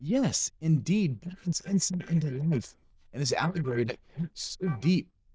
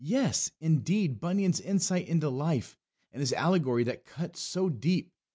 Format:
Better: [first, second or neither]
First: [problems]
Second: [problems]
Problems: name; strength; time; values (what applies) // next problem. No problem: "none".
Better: second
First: noise reduction (neural diffusion model UNIVERSE++)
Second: none